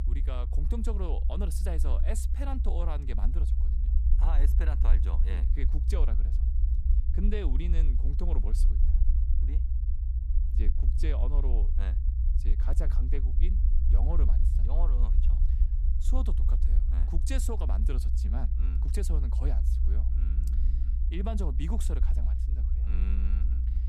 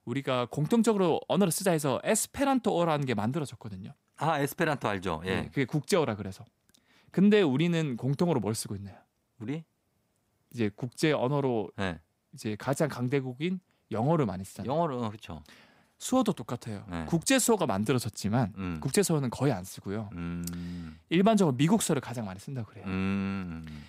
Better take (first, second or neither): second